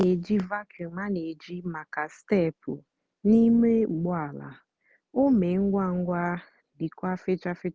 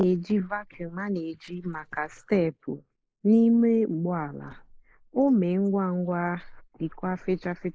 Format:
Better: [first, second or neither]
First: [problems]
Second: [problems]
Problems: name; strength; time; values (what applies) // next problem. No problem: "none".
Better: first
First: none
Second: noise reduction (neural mask model Resemble Enhance denoiser)